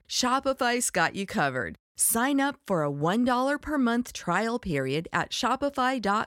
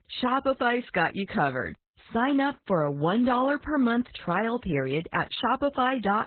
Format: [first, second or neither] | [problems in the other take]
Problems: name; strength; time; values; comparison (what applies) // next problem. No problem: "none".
first | garbled, watery; badly; nothing above 4 kHz